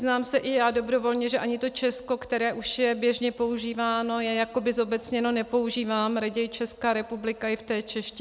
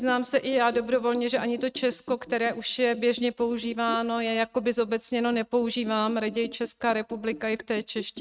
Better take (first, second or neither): first